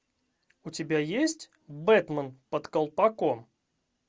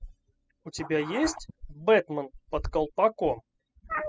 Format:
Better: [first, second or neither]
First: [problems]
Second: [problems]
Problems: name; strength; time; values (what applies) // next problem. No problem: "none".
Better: first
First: none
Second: noise reduction (classical method spectral subtraction)